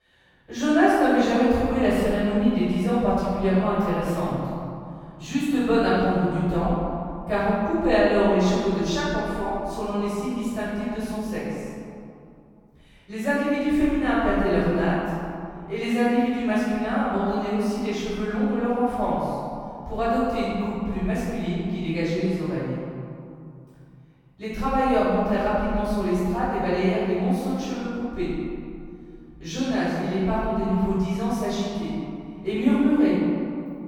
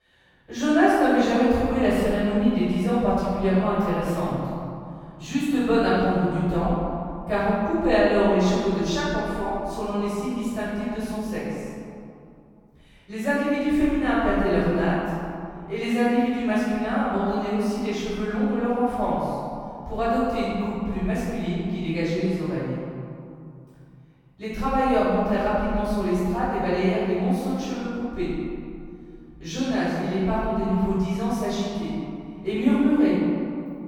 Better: neither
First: room echo; strong; dies away in 2.5 s // off-mic speech; far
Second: room echo; strong; dies away in 2.5 s // off-mic speech; far

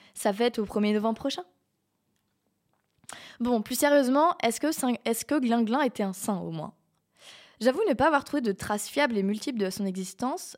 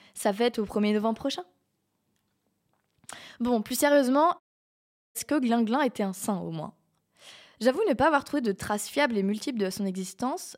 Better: first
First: none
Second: audio cutting out; at 4.5 s for 1 s

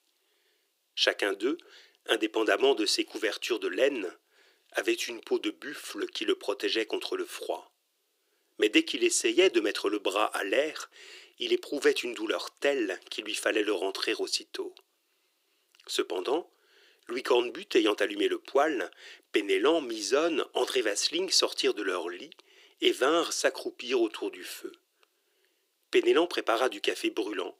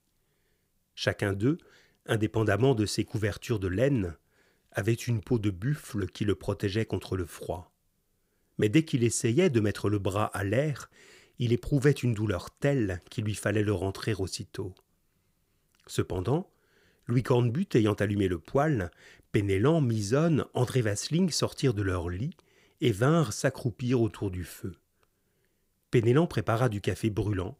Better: second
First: thin; very; fading below 350 Hz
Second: none

